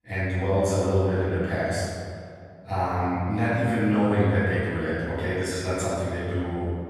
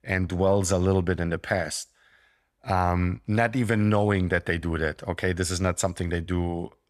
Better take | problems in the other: second | off-mic speech; far // room echo; strong; dies away in 2.1 s

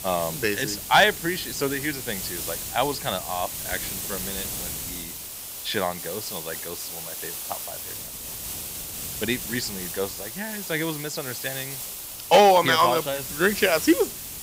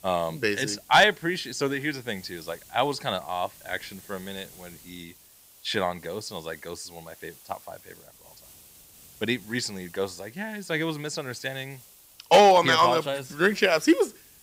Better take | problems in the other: second | hiss; loud; throughout; 7 dB below the speech; faint in the second

